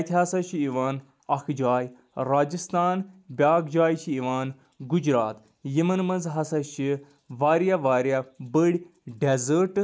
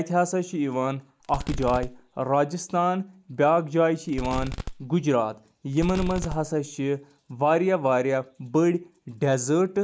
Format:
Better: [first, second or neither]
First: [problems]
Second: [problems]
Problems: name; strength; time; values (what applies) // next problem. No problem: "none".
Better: first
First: none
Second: background sound (Fireworks); 9 dB below the speech